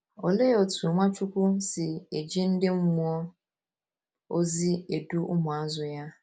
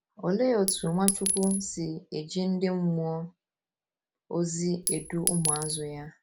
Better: first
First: none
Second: background sound (Chink, clink); 2 dB below the speech

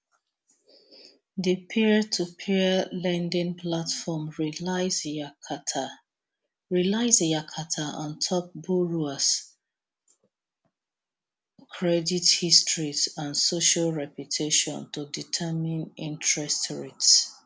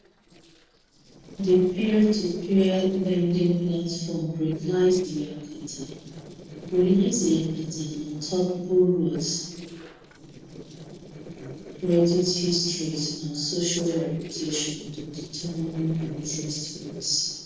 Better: first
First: none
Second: noise reduction (neural separator model SepFormer DNS4)

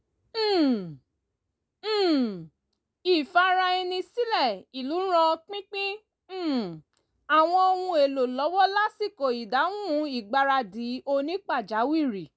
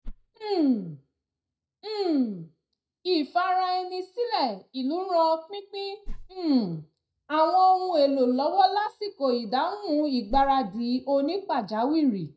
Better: first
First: none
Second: noise reduction (neural mask model DeepFilterNet 3)

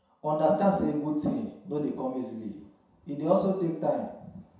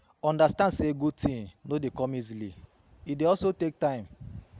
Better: second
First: room echo; dies away in 0.7 s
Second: none

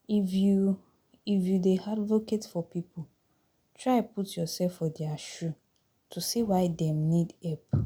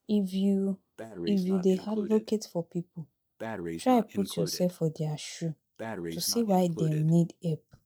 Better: first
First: none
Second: noise reduction (neural mask model DeepFilterNet 3)

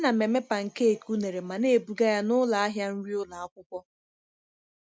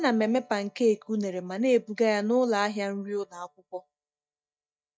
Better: first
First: none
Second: noise reduction (neural mask model DeepFilterNet 3)

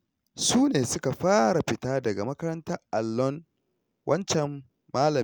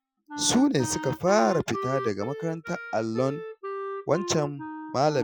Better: first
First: none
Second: noise reduction (classical method Wiener filter)

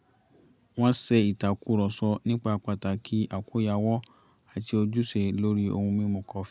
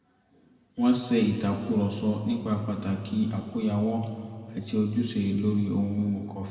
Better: first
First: none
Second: room echo; dies away in 2.3 s

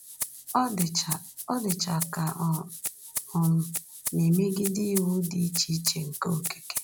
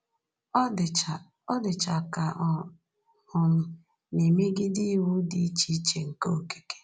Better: second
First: background sound (Rattle (instrument)); 9 dB below the speech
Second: none

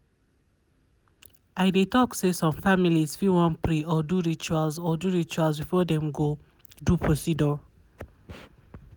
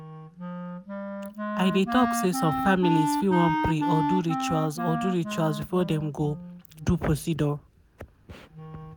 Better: first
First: none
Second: background sound (Wind instrument, woodwind instrument); 4 dB below the speech

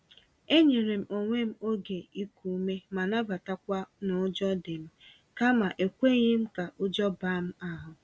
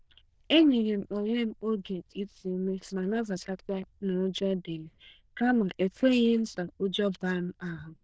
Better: first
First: none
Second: noise reduction (neural diffusion model UNIVERSE++)

